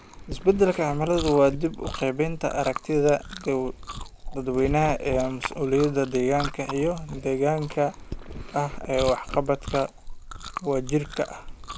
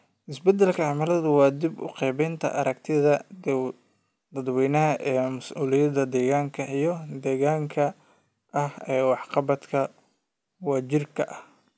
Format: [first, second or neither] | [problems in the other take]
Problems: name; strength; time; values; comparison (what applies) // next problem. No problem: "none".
second | background sound (Chewing, mastication); 10 dB below the speech